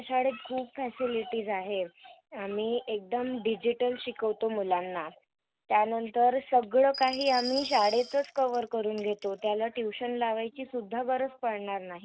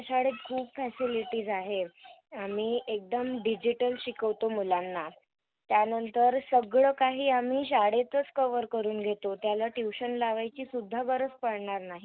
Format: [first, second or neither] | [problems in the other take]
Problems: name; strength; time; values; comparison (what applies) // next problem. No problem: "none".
second | background sound (Glass); 11 dB below the speech